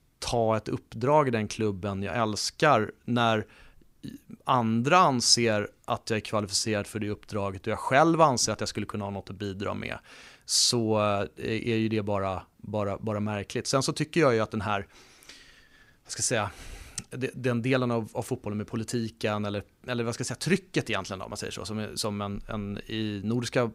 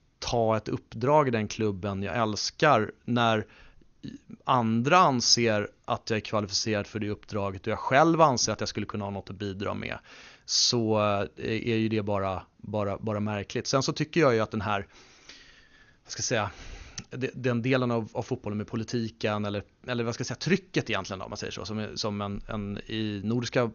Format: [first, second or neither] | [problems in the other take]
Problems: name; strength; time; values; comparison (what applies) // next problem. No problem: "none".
first | garbled, watery; slightly; nothing above 6.5 kHz